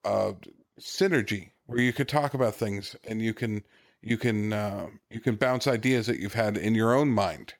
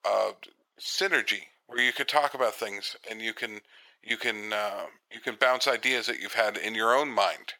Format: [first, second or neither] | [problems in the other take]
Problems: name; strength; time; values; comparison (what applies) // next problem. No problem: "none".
first | thin; very; fading below 700 Hz